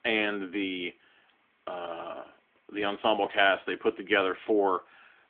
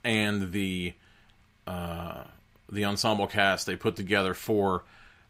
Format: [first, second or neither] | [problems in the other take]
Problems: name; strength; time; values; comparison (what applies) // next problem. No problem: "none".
second | phone-call audio; nothing above 3.5 kHz